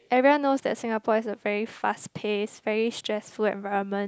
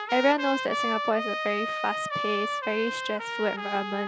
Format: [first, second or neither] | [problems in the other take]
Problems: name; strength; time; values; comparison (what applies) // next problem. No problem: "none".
first | background sound (Trumpet); 3 dB below the speech